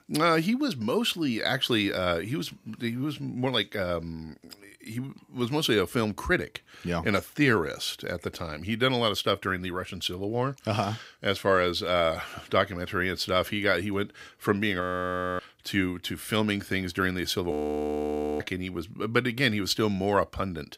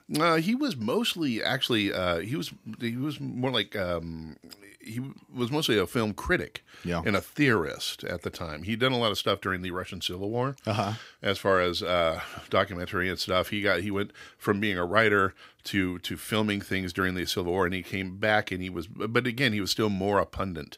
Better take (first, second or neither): second